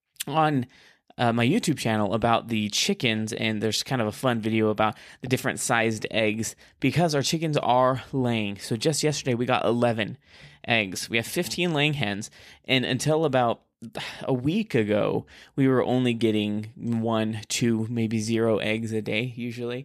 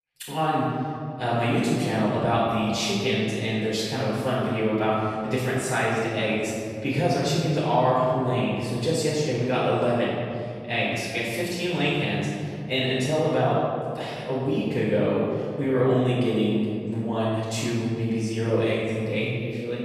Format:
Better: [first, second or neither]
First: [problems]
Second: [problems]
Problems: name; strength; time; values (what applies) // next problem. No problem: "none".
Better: first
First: none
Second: room echo; strong; dies away in 2.3 s // off-mic speech; far